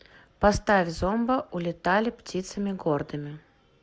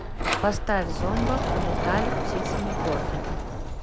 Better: first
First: none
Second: background sound (Sliding door); 3 dB above the speech

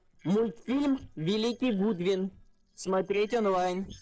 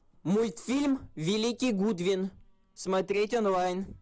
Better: second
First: noise reduction (neural separator model SepFormer DNS4)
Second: none

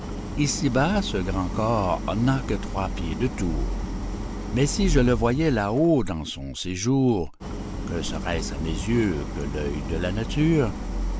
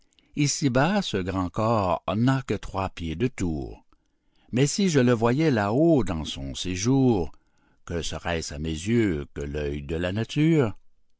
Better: second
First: background sound (Idling); 5 dB below the speech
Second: none

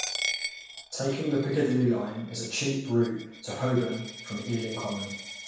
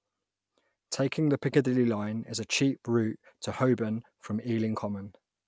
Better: second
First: background sound (Coin (dropping)); 9 dB below the speech // room echo; dies away in 0.7 s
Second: none

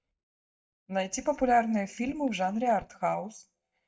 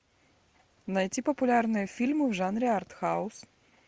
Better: second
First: noise reduction (neural mask model DeepFilterNet 3)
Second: none

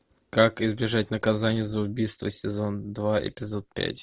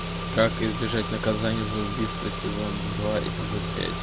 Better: first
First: none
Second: background sound (Engine / Car); 2 dB below the speech

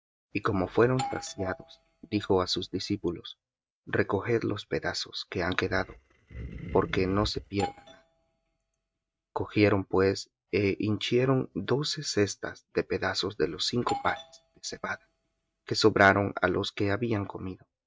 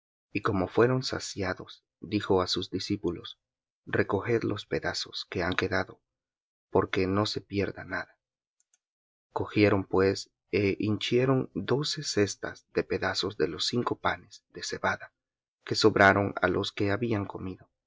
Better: second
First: noise reduction (neural mask model RNNoise)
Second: none

